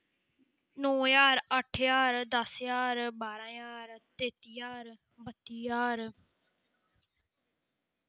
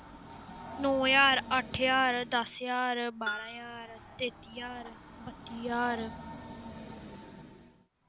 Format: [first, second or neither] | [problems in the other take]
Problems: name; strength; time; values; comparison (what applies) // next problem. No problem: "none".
first | background sound (Train + Bell); 13 dB below the speech